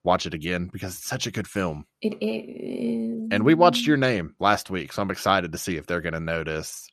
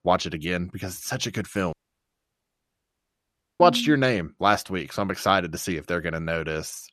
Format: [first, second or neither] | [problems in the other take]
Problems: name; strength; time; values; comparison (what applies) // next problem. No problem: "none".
first | audio cutting out; at 1.5 s for 2 s